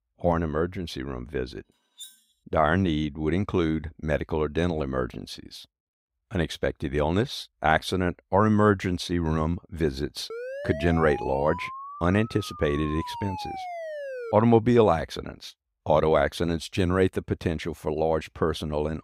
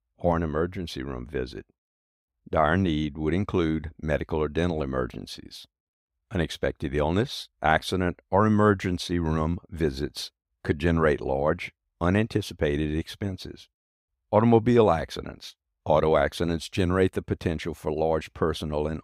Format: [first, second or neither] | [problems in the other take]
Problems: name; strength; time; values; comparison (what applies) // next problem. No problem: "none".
second | clattering dishes; faint; at 2 s; peak 20 dB below the speech // siren; noticeable; from 10 to 14 s; peak 9 dB below the speech